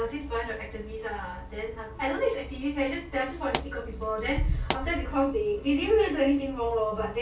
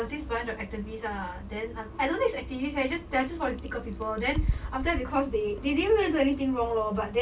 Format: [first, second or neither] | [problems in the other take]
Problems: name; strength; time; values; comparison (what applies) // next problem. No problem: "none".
second | background sound (Explosion); 10 dB below the speech // room echo; dies away in 0.3 s